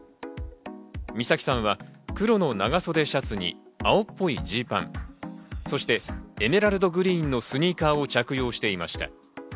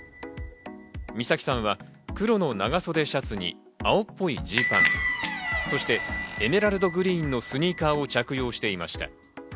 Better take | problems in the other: first | background sound (Squeak / Bell); 6 dB below the speech

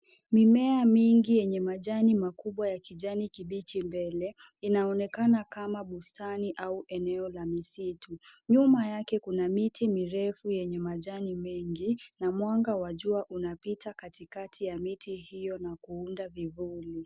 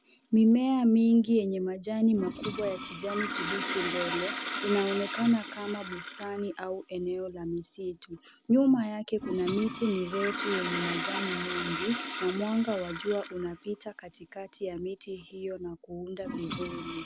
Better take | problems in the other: first | background sound (Toilet flush); 9 dB below the speech

